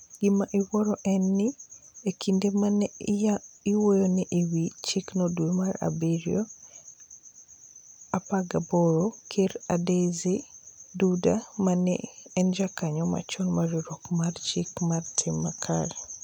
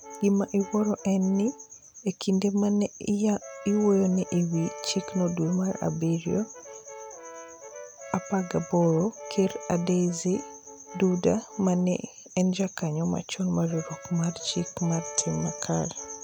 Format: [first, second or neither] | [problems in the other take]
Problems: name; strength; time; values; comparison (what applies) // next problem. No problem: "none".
first | background sound (Brass instrument); 17 dB below the speech